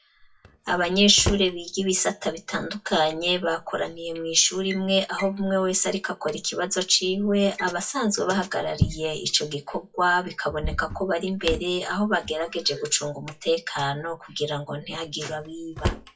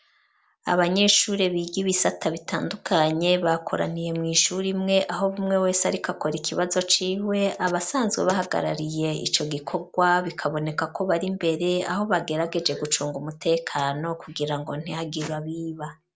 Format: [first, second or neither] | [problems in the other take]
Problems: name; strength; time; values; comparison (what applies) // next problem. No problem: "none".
second | noise reduction (classical method WPE with log-MMSE)